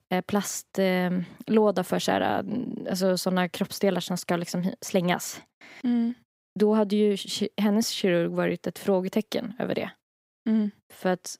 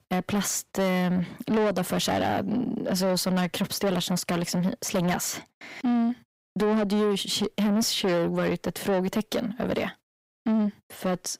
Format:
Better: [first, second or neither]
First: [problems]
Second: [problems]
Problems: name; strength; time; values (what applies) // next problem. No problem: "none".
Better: first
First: none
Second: distortion; heavy; 7 dB below the speech